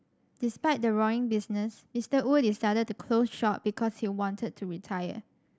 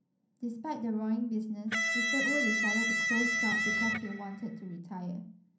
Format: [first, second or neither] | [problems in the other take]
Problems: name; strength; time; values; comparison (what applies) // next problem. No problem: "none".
first | background sound (Electric guitar); 4 dB above the speech // room echo; dies away in 0.6 s